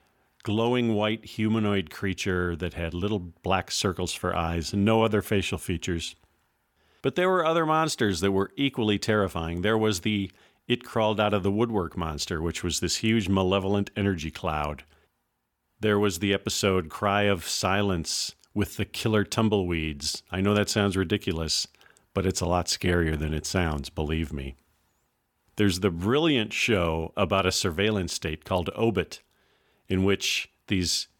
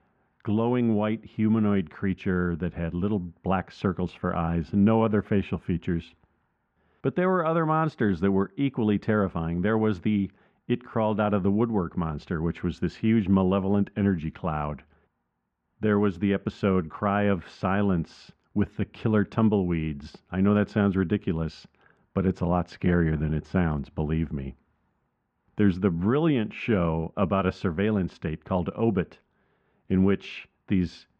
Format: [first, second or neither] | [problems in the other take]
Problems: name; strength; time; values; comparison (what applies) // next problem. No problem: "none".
first | muffled; very; fading above 1.5 kHz